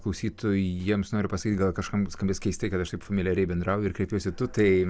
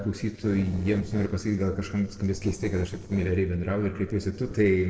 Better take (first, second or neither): first